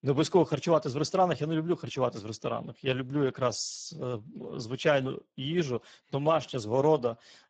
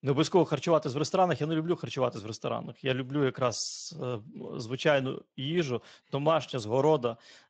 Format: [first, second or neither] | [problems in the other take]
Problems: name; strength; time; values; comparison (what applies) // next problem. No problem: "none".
second | garbled, watery; badly; nothing above 7.5 kHz; slightly in the second